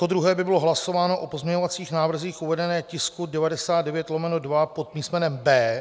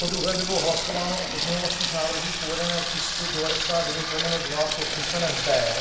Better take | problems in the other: first | background sound (Sink (filling or washing) / Water tap, faucet); as loud as the speech // room echo; dies away in 0.8 s

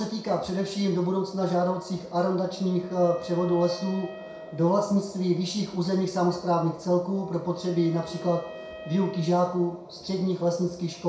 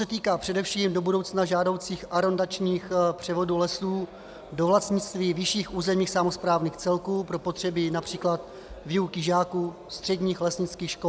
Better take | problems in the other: second | background sound (Wind instrument, woodwind instrument); 20 dB below the speech // room echo; dies away in 0.6 s

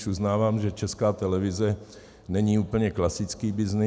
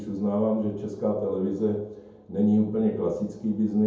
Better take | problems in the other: first | room echo; dies away in 0.7 s

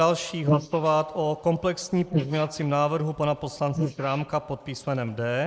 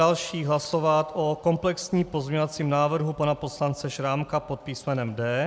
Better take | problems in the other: second | noise reduction (neural mask model Resemble Enhance denoiser)

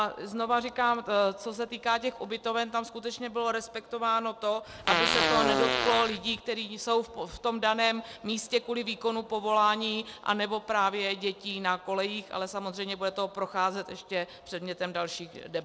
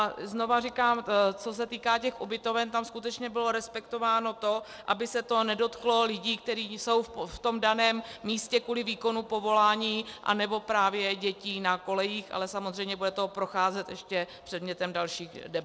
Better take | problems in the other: second | background sound (Fart); 3 dB above the speech

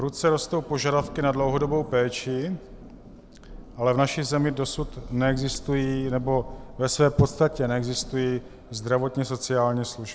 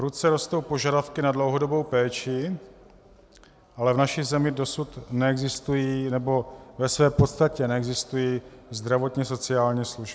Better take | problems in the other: second | background sound (Thunder); 16 dB below the speech

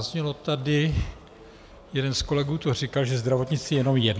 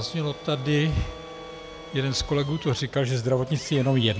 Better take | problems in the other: first | background sound (Drill + Bowed string instrument); 17 dB below the speech

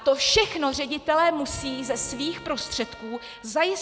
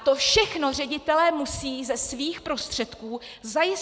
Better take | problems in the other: second | background sound (Bowed string instrument + Trumpet); 20 dB below the speech

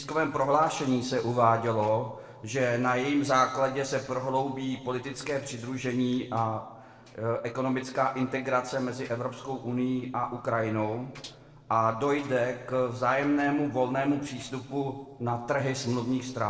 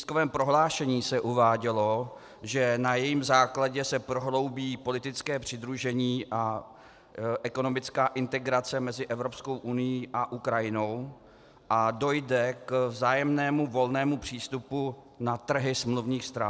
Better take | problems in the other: second | noise reduction (neural separator model SepFormer DNS4)

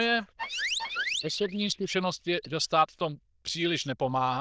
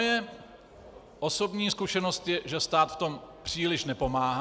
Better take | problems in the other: second | noise reduction (neural diffusion model UNIVERSE++)

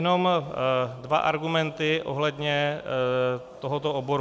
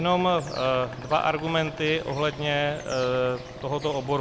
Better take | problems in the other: first | background sound (Insect + Engine / Aircraft); 15 dB below the speech

